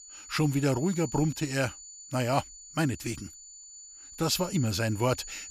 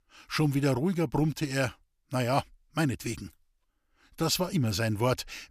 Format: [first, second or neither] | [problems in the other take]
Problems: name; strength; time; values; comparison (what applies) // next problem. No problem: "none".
second | high-pitched whine; noticeable; throughout; 7 kHz, 15 dB below the speech